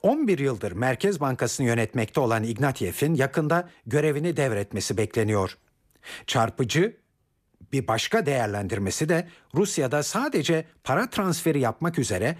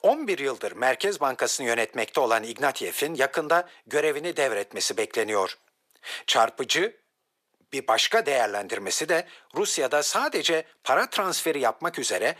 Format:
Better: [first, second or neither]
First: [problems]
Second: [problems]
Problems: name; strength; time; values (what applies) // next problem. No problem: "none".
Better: first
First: none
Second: thin; very; fading below 600 Hz